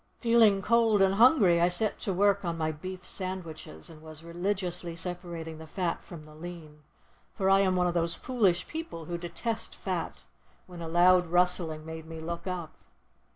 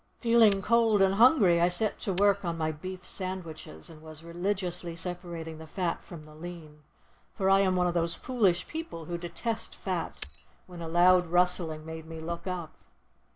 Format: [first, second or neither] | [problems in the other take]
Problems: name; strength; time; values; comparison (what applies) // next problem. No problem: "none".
first | background sound (Shatter); 16 dB below the speech